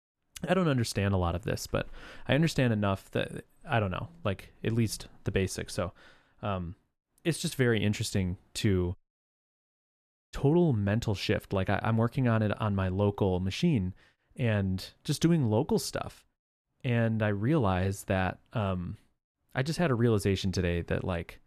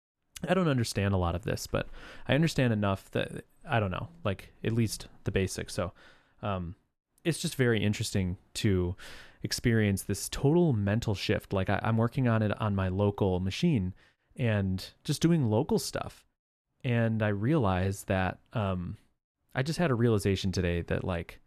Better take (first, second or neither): second